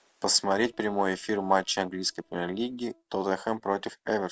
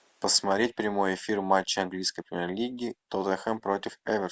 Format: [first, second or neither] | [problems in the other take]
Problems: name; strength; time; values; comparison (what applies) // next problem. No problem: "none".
second | noise reduction (neural separator model SepFormer DNS4)